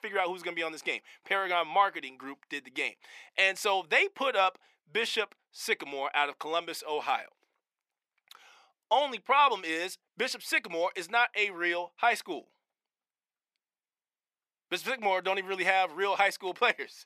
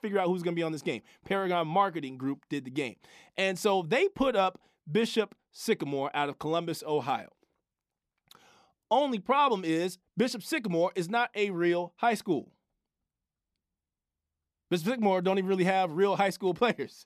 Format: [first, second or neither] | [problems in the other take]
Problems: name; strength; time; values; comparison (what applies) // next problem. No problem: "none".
second | thin; very; fading below 600 Hz